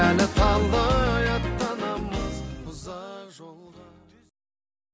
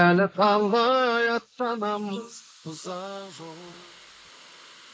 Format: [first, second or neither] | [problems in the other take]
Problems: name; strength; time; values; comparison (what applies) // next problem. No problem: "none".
first | noise reduction (neural mask model Resemble Enhance denoiser)